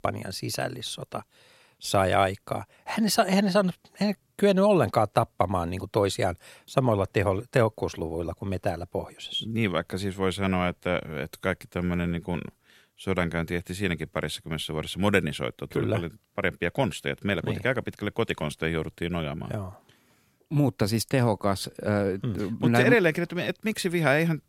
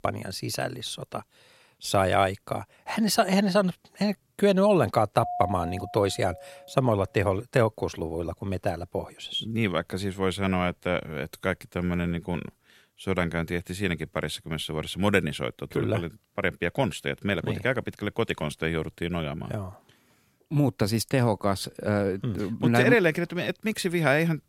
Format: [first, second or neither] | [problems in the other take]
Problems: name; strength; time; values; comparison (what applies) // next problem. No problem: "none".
first | doorbell; noticeable; from 5 to 6.5 s; peak 6 dB below the speech